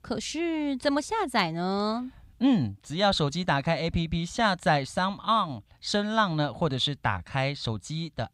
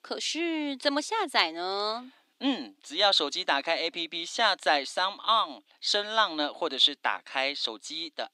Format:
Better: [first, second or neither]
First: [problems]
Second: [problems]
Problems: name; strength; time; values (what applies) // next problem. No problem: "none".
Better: first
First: none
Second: thin; somewhat; fading below 300 Hz